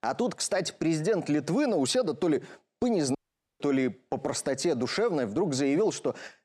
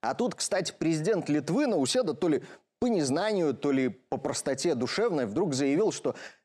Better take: second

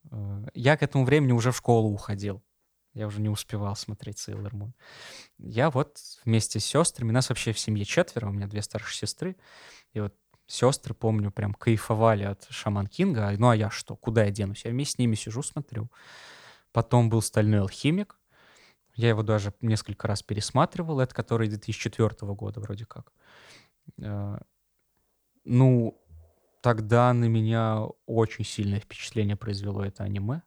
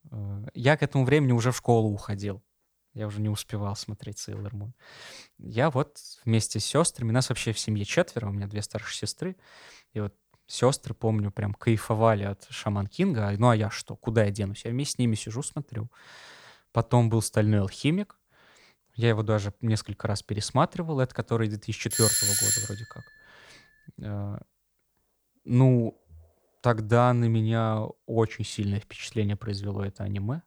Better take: first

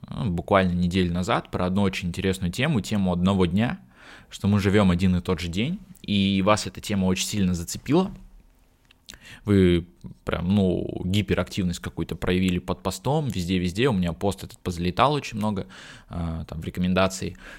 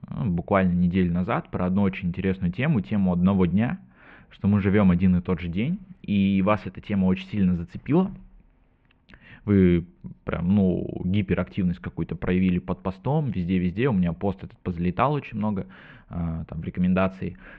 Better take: first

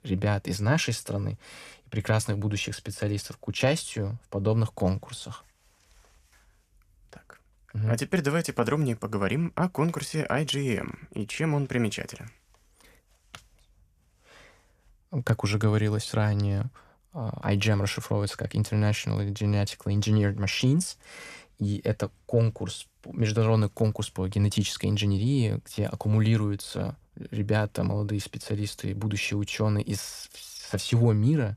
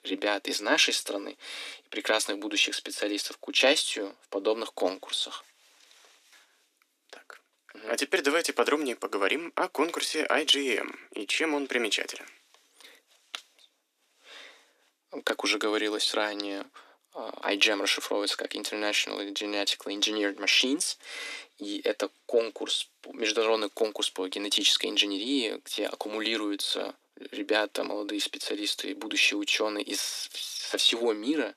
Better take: first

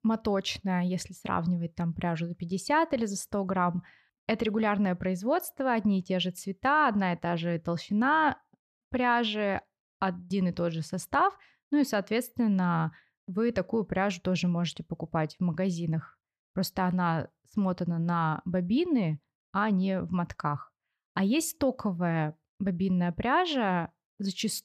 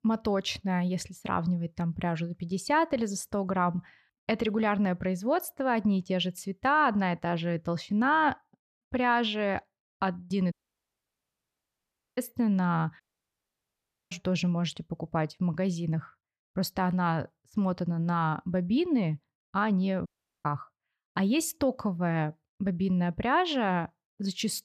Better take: first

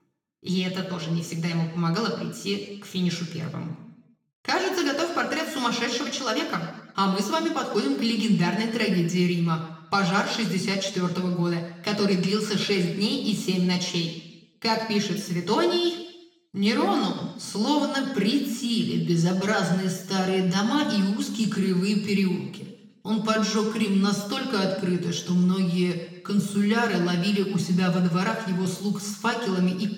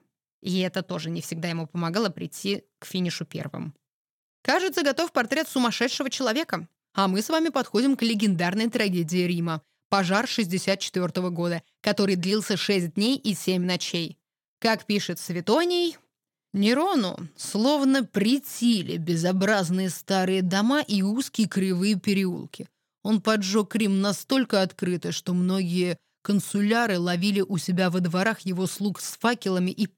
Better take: second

